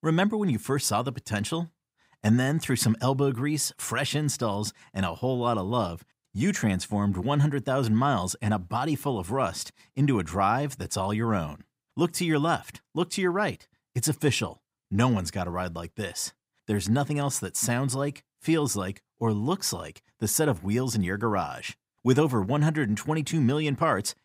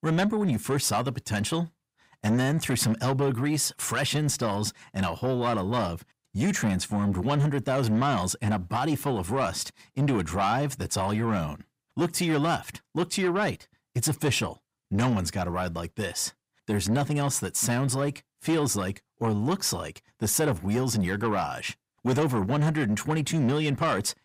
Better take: first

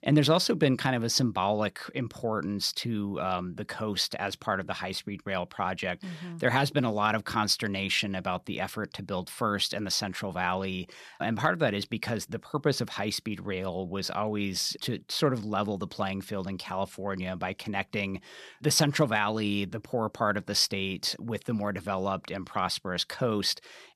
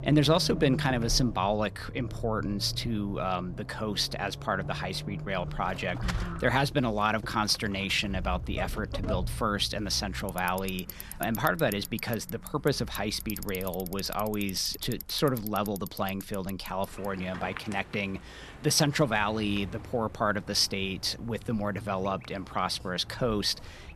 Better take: first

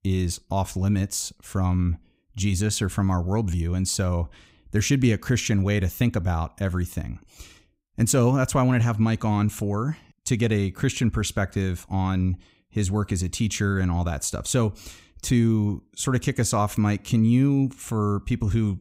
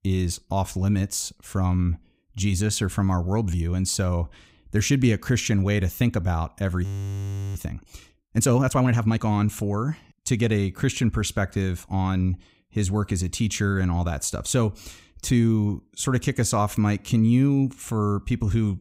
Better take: first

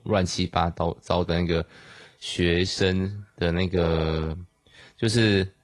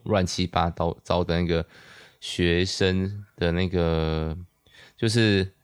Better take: second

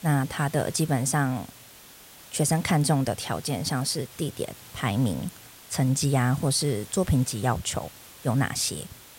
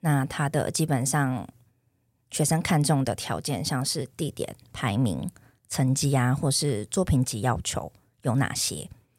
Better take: second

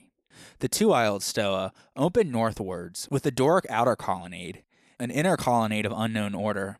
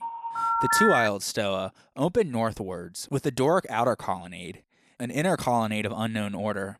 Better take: first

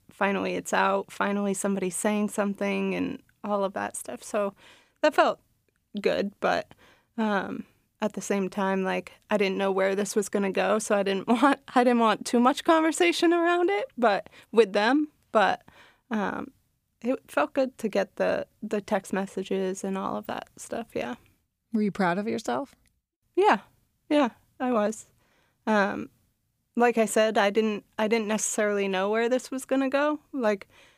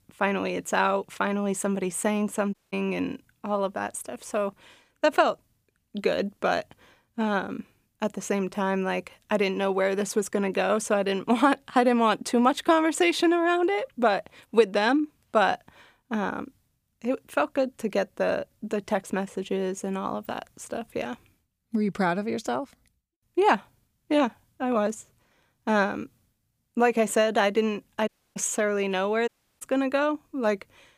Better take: first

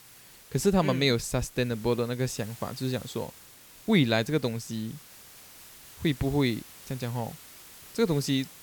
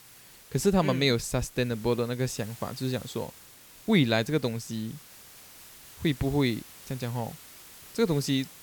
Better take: neither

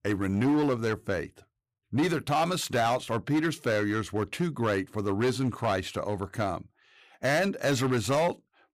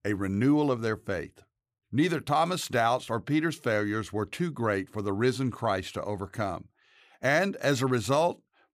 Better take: second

